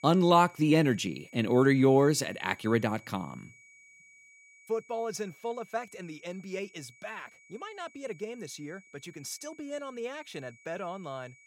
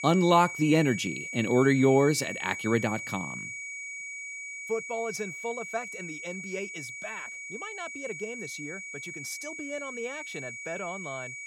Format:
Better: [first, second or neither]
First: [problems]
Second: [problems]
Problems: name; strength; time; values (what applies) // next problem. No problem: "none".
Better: first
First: high-pitched whine; faint; throughout; 2.5 kHz, 25 dB below the speech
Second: high-pitched whine; loud; throughout; 2.5 kHz, 8 dB below the speech